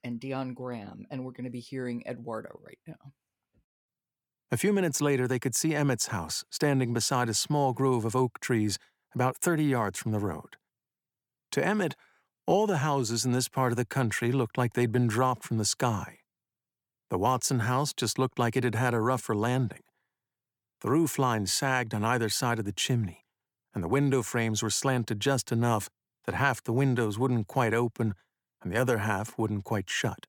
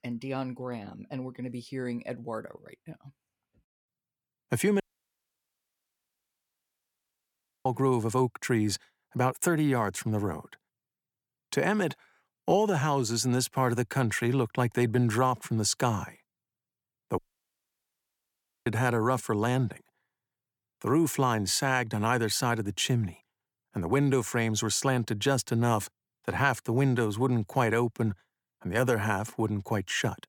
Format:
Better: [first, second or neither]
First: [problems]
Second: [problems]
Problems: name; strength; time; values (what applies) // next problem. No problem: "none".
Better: first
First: none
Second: audio cutting out; at 5 s for 3 s and at 17 s for 1.5 s